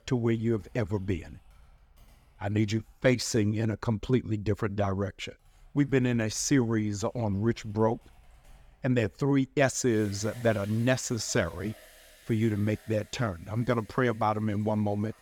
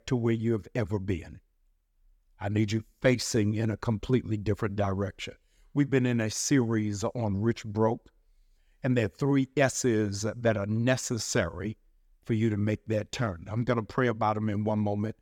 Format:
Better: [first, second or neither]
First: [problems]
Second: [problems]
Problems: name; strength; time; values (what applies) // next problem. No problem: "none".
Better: second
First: household noises; faint; throughout; 25 dB below the speech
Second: none